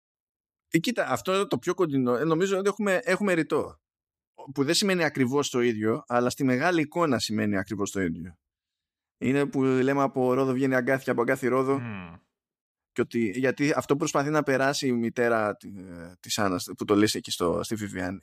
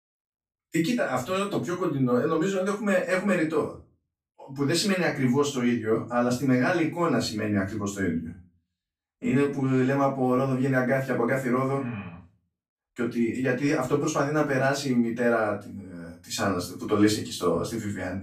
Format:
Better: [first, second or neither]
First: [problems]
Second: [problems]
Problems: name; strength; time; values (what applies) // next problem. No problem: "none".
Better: first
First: none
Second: off-mic speech; far // room echo; slight; dies away in 0.3 s